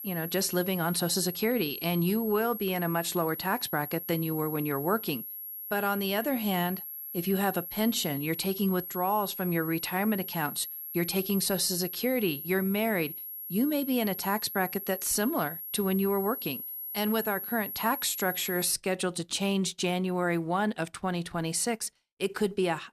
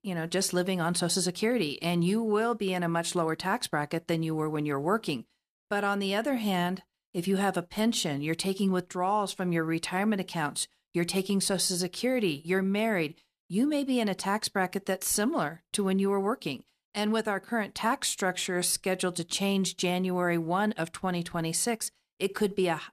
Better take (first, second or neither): second